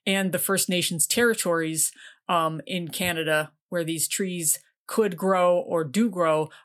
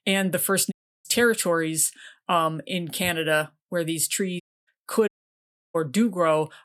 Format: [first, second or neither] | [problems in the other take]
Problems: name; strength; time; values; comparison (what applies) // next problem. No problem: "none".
first | audio cutting out; at 0.5 s, at 4.5 s and at 5 s for 0.5 s